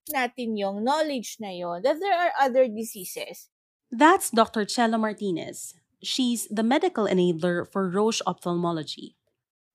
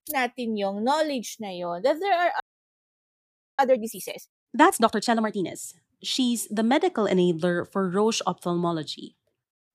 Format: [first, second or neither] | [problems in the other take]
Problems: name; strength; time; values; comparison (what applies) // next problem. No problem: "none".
first | audio freezing; at 2.5 s for 1 s